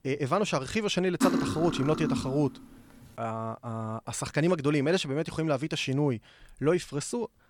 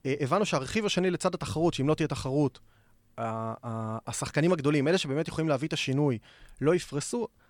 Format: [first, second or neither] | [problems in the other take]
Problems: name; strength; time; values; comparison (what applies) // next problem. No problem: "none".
second | clattering dishes; loud; from 1 to 2.5 s; peak 2 dB above the speech